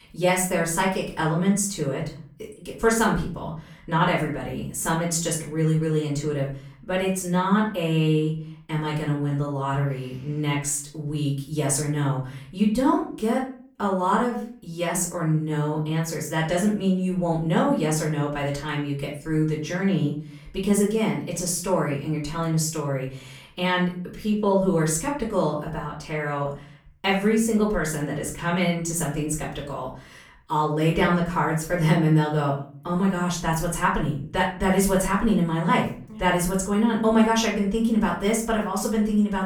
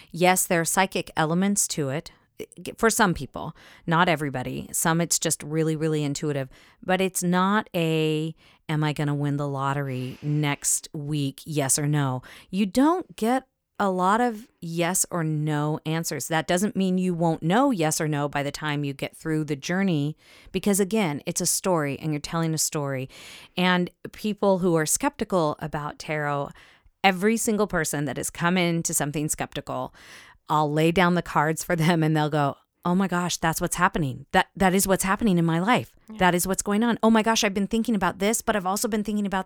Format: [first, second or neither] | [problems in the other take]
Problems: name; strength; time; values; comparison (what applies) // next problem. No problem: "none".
second | off-mic speech; far // room echo; slight; dies away in 0.4 s